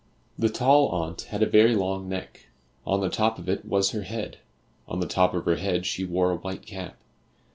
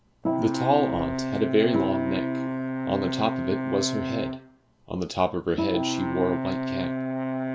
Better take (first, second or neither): first